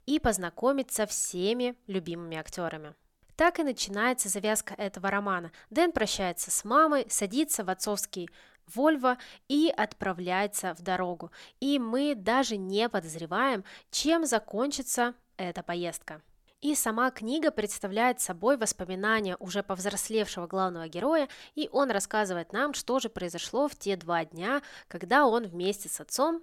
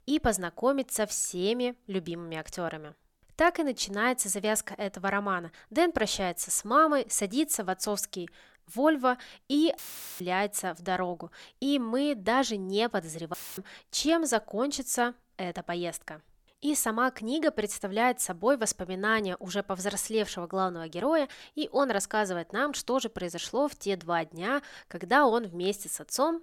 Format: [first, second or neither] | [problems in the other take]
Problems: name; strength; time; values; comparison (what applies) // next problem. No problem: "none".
first | audio cutting out; filled with static; at 10 s and at 13 s